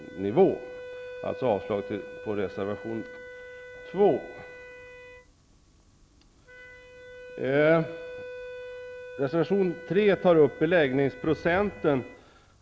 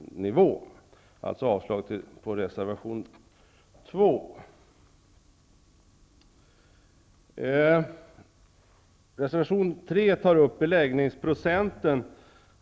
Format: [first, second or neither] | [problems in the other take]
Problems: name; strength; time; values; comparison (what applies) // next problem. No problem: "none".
second | background sound (Wind instrument, woodwind instrument); 15 dB below the speech